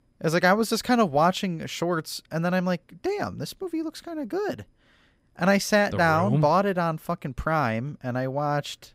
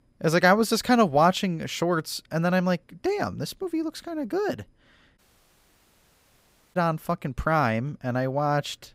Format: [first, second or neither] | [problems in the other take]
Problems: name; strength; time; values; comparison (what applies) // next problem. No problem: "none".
first | audio cutting out; at 5 s for 1.5 s